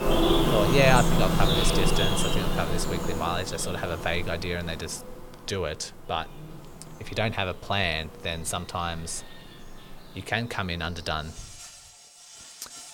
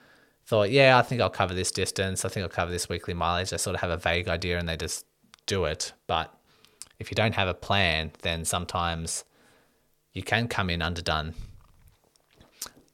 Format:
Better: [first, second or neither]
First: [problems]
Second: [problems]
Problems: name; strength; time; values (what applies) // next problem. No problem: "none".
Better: second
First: animal sounds; very loud; throughout; 2 dB above the speech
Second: none